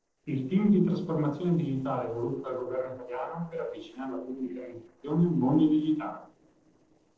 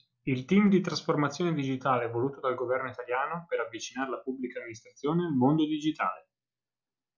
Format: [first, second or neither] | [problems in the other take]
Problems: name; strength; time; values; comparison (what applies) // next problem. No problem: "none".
second | noise reduction (neural separator model SepFormer DNS4)